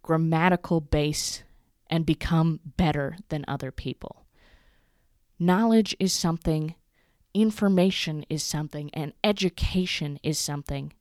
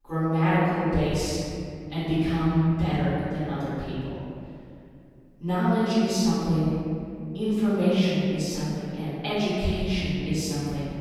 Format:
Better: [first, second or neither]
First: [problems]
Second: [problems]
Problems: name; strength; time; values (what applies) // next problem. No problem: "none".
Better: first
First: none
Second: room echo; strong; dies away in 2.4 s // off-mic speech; far